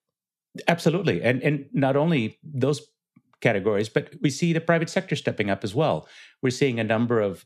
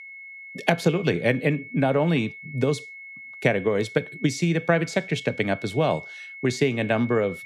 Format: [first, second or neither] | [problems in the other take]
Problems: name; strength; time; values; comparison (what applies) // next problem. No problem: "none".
first | high-pitched whine; noticeable; throughout; 2 kHz, 15 dB below the speech